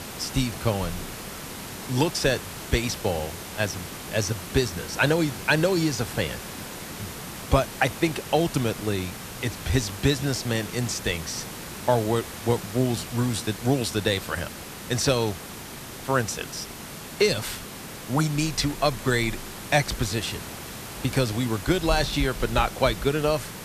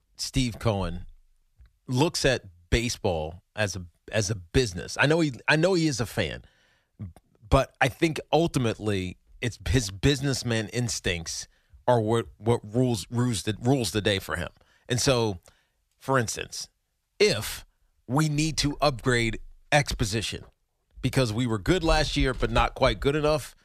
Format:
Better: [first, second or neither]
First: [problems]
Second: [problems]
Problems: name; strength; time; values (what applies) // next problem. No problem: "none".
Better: second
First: hiss; noticeable; throughout; 10 dB below the speech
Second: none